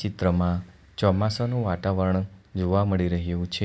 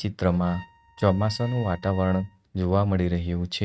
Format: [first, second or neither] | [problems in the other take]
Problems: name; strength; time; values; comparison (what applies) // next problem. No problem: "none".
first | noise reduction (neural mask model RNNoise)